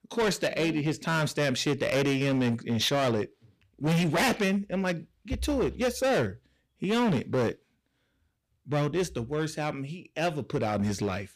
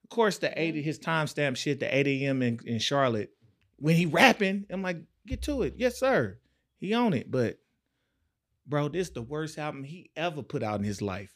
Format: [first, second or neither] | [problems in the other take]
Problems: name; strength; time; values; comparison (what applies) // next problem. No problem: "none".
second | distortion; heavy; 13% of the sound clipped